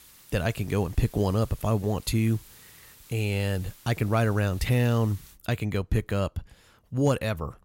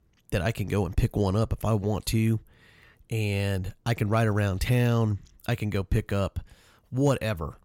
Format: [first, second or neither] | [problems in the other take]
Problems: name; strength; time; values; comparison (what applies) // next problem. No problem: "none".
second | hiss; faint; until 5.5 s; 25 dB below the speech